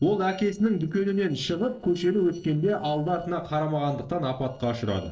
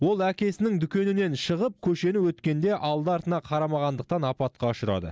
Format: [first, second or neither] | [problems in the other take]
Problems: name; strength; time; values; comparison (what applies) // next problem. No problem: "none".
second | noise reduction (neural separator model SepFormer DNS4)